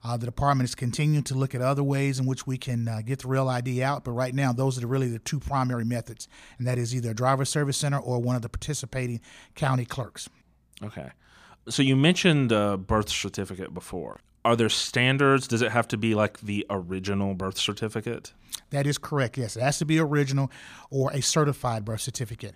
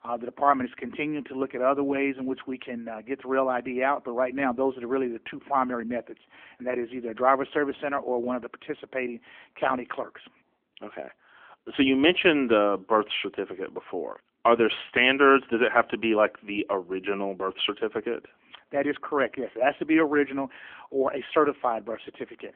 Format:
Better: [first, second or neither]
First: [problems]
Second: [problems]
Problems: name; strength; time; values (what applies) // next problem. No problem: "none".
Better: first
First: none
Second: phone-call audio; nothing above 3.5 kHz